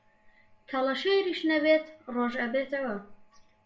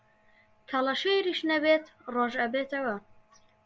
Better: second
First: room echo; dies away in 0.4 s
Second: none

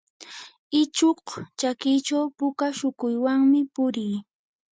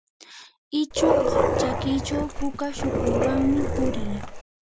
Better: first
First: none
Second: background sound (Dog); 4 dB above the speech

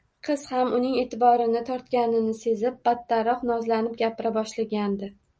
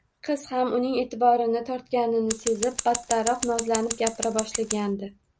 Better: first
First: none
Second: background sound (Scissors); 6 dB below the speech

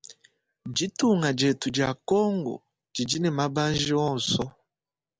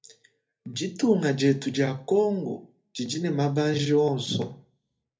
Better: first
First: none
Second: room echo; dies away in 0.3 s

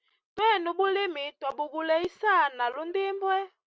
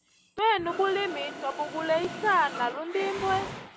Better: first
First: none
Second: background sound (Mechanisms); 10 dB below the speech

